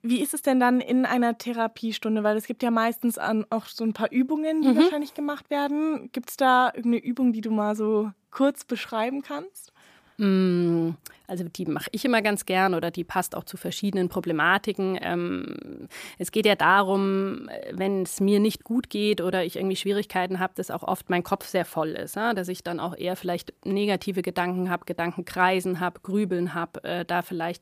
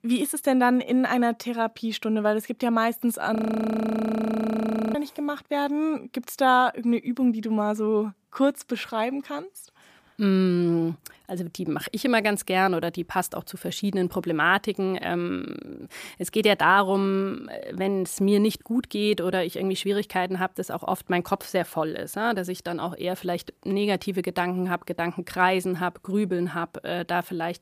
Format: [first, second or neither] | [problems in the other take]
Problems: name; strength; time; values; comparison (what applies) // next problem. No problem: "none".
first | audio freezing; at 3.5 s for 1.5 s